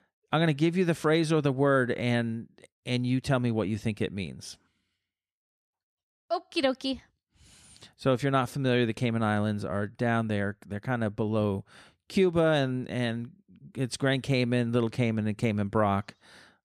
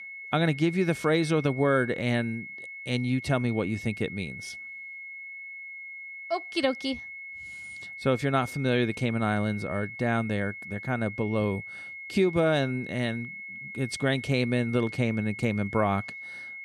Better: first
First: none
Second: high-pitched whine; noticeable; throughout; 2 kHz, 10 dB below the speech

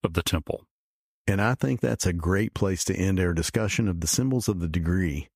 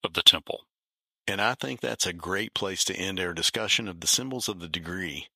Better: first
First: none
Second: thin; somewhat; fading below 700 Hz

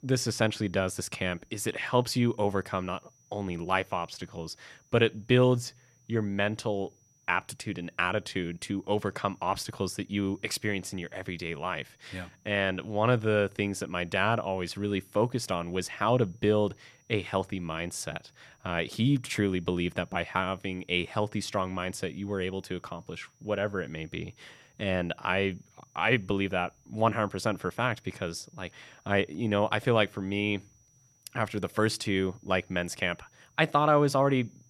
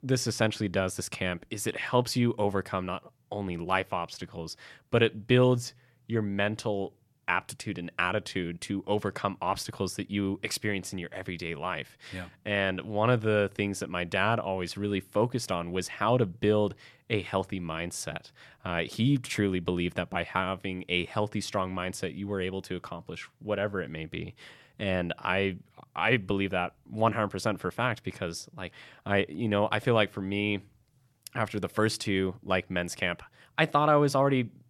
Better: second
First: high-pitched whine; faint; throughout; 5.5 kHz, 35 dB below the speech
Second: none

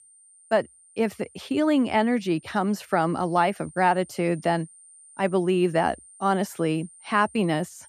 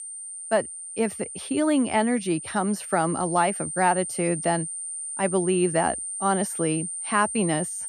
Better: first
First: high-pitched whine; faint; throughout; 9 kHz, 25 dB below the speech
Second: high-pitched whine; loud; throughout; 9 kHz, 6 dB below the speech

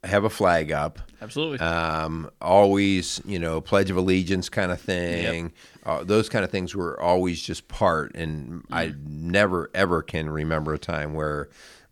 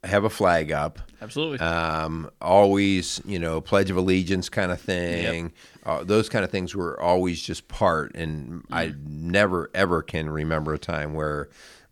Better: neither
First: none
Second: none

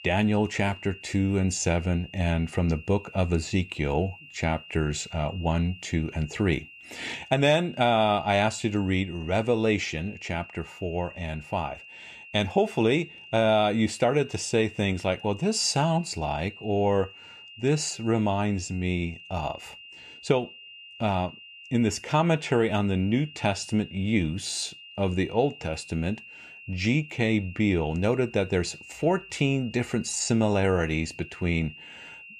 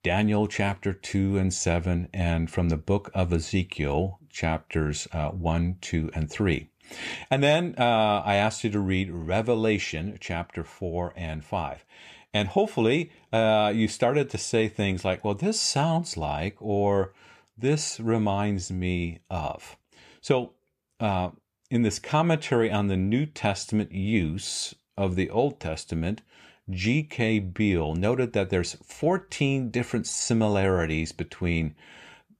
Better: second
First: high-pitched whine; noticeable; throughout; 3 kHz, 20 dB below the speech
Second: none

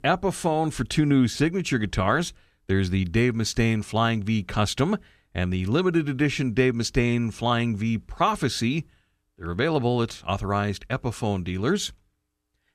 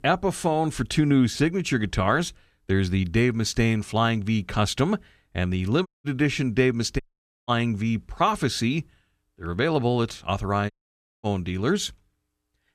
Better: first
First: none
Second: audio cutting out; at 6 s, at 7 s and at 11 s for 0.5 s

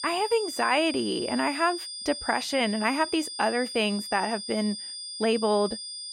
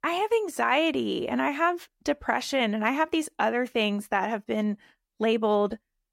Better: second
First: high-pitched whine; loud; throughout; 5 kHz, 8 dB below the speech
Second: none

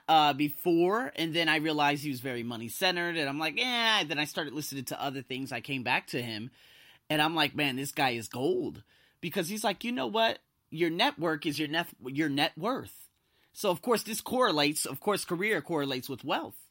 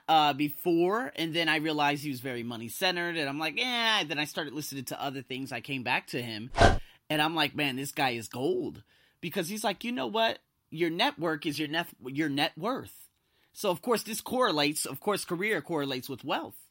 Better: first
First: none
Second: dog barking; loud; at 6.5 s; peak 6 dB above the speech

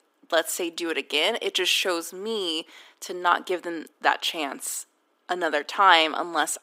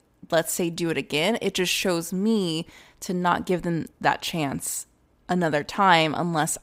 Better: second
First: thin; very; fading below 300 Hz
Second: none

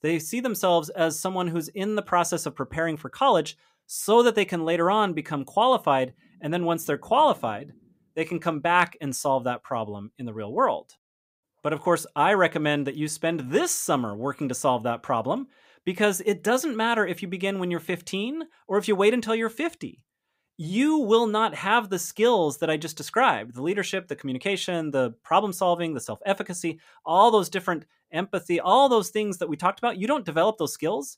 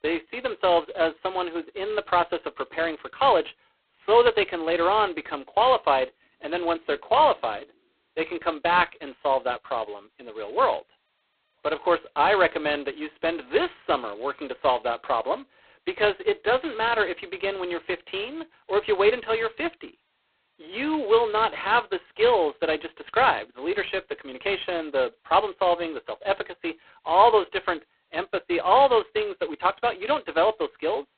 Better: first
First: none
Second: phone-call audio; poor line; nothing above 4 kHz

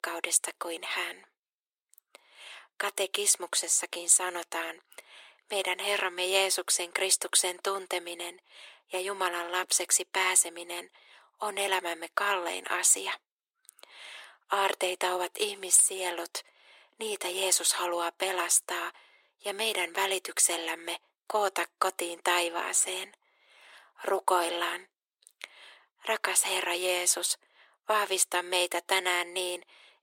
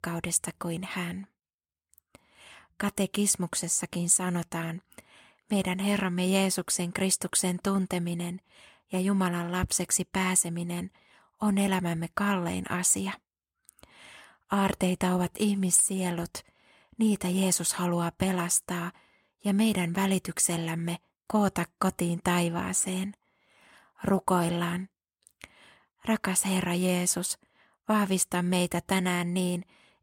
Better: second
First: thin; very; fading below 350 Hz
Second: none

